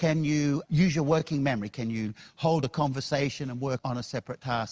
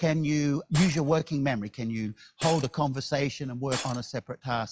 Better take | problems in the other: first | noise reduction (classical method log-MMSE)

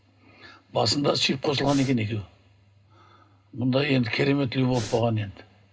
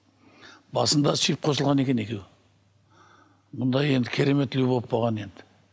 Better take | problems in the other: second | background sound (Breathing); 12 dB below the speech // room echo; dies away in 0.2 s

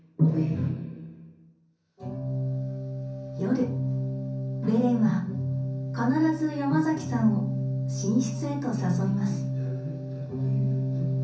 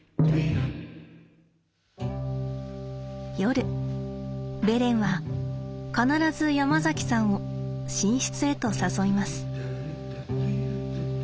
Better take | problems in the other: second | room echo; dies away in 0.6 s

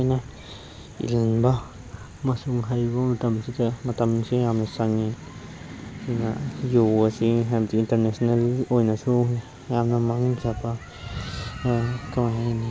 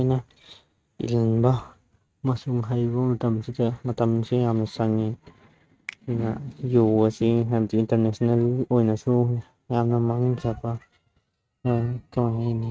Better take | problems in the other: first | noise reduction (neural mask model RNNoise)

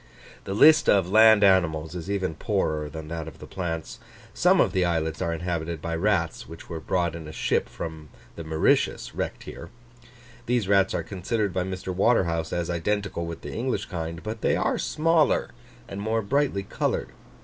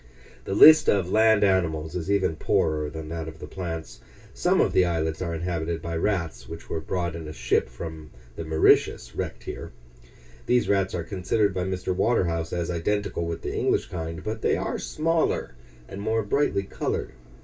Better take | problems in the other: first | room echo; dies away in 0.2 s

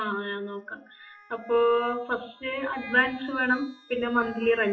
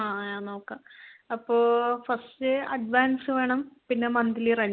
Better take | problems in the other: second | noise reduction (classical method WPE with log-MMSE)

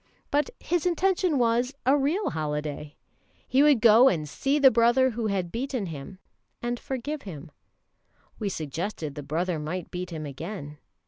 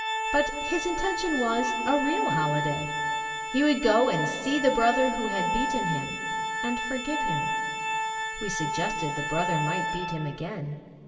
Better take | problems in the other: first | background sound (Organ); 1 dB below the speech // room echo; dies away in 2.6 s

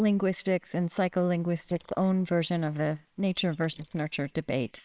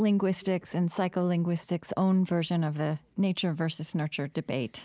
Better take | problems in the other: second | noise reduction (neural separator model SepFormer WHAMR!)

